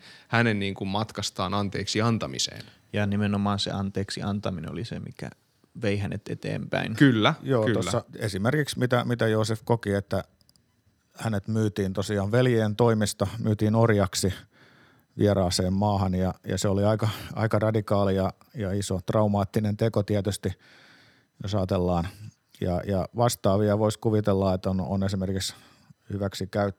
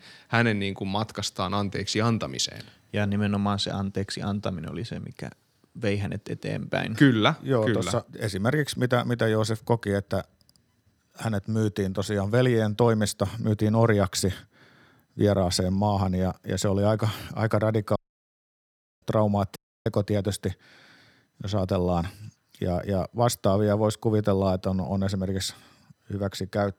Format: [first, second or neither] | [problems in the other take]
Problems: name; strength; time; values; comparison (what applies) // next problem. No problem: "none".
first | audio cutting out; at 18 s for 1 s and at 20 s